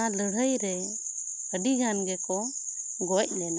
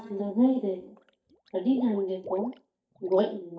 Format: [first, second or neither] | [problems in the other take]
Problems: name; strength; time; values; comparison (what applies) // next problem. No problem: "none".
first | noise reduction (neural mask model DeepFilterNet 3)